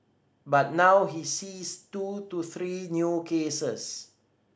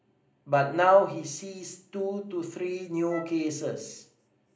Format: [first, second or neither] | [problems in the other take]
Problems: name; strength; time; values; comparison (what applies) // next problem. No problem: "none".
first | background sound (Wind instrument, woodwind instrument); 16 dB below the speech // room echo; dies away in 0.5 s